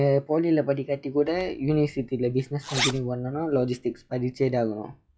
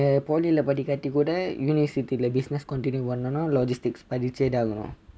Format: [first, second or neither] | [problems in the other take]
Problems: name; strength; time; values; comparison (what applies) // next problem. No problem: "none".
second | noise reduction (classical method log-MMSE)